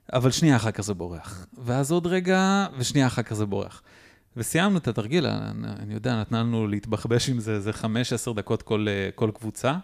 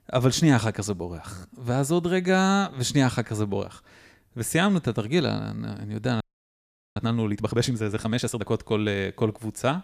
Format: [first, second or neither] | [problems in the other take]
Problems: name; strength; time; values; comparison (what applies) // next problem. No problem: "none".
first | audio freezing; at 6 s for 1 s